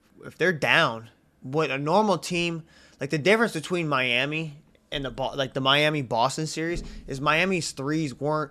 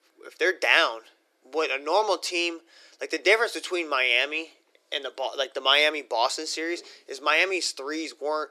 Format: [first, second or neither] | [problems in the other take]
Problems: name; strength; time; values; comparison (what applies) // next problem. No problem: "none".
first | thin; very; fading below 350 Hz